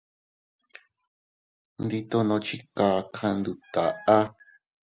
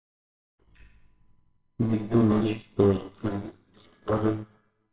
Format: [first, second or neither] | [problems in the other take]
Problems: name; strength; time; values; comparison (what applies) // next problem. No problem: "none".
first | noise reduction (neural separator model SepFormer WHAMR!)